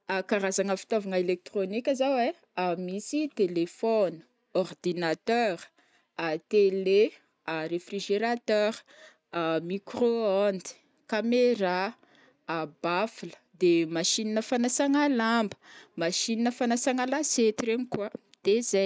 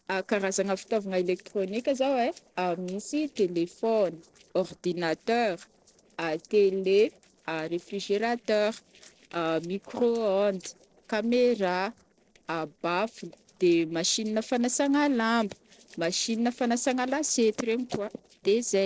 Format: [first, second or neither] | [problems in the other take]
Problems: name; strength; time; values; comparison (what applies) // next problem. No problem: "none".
first | noise reduction (neural separator model SepFormer DNS4)